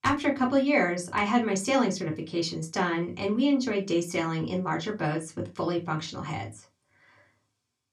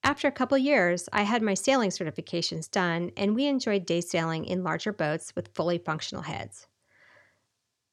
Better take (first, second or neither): second